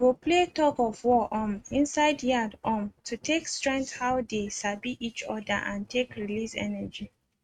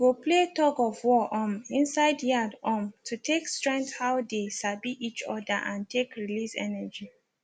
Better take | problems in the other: second | noise reduction (neural mask model RNNoise)

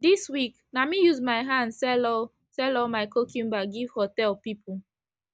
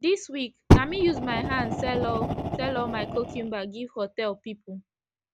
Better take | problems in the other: first | background sound (Fire); 4 dB above the speech

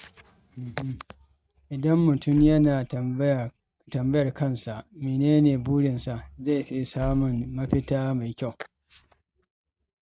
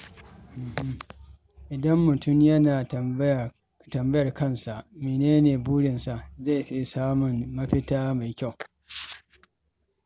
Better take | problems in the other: second | noise reduction (neural mask model RNNoise)

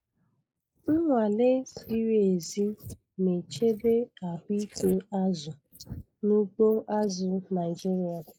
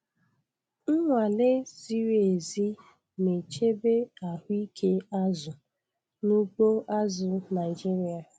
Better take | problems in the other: second | noise reduction (neural mask model Resemble Enhance denoiser)

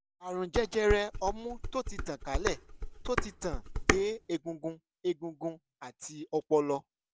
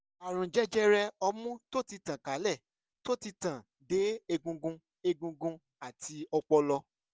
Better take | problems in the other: second | background sound (Dishes, pots, and pans); 1 dB below the speech

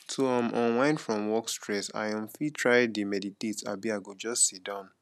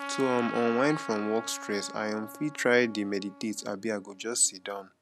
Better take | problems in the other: first | background sound (Trumpet); 12 dB below the speech

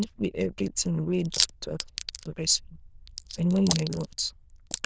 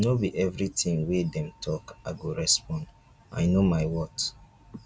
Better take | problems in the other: second | noise reduction (neural diffusion model UNIVERSE++)

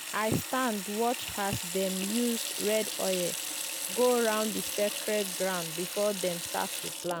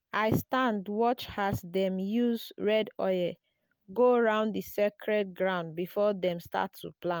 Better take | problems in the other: second | background sound (Sink (filling or washing) / Water tap, faucet); 5 dB below the speech

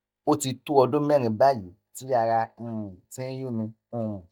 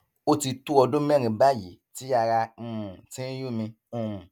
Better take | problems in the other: second | noise reduction (neural mask model DeepFilterNet 3)

